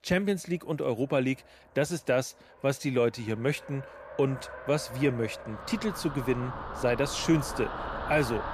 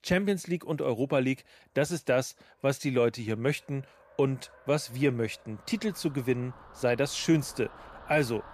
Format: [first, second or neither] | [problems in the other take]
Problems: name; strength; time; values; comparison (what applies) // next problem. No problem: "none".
second | traffic noise; loud; throughout; 9 dB below the speech; faint in the second